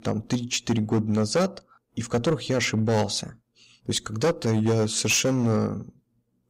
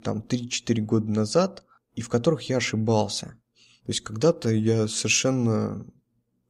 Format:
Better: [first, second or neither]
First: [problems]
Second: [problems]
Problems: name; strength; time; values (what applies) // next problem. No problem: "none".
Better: second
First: distortion; slight; 7% of the sound clipped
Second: none